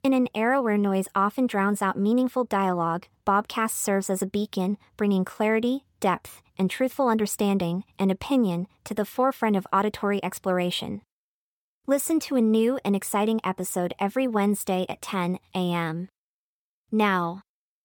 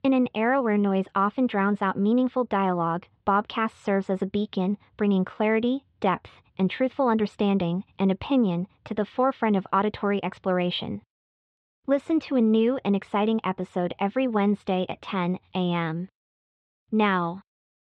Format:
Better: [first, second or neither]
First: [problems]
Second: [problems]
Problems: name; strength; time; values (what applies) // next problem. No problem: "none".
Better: first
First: none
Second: muffled; very; fading above 3.5 kHz